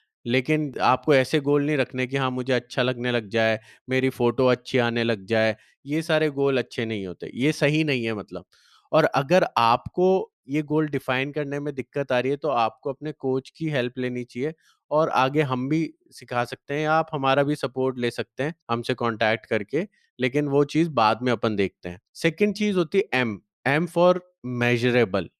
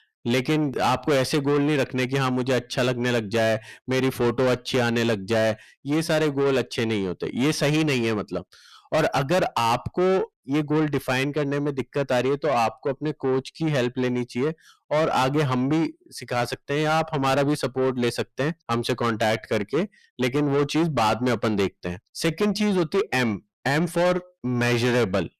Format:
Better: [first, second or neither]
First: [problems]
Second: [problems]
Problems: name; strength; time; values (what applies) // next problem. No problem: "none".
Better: first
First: none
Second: distortion; heavy; 7 dB below the speech